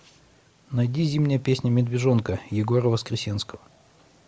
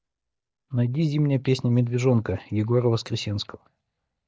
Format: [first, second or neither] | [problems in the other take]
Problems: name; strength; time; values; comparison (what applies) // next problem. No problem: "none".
first | noise reduction (neural mask model DeepFilterNet 3)